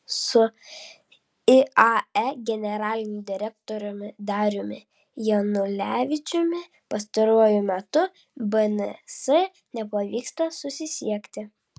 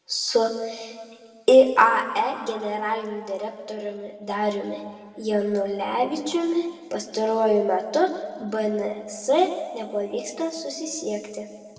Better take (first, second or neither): first